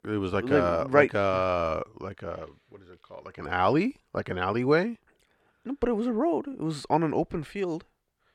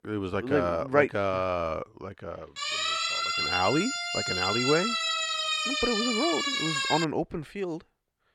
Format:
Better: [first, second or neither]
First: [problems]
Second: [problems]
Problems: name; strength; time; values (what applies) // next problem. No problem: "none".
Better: first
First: none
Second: siren; loud; from 2.5 to 7 s; peak 3 dB above the speech